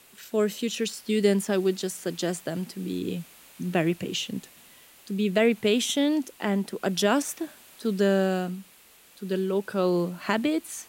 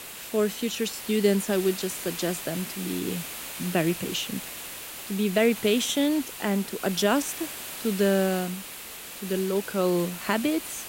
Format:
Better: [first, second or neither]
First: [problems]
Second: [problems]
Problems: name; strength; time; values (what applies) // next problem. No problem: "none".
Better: first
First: hiss; faint; throughout; 25 dB below the speech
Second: hiss; loud; throughout; 9 dB below the speech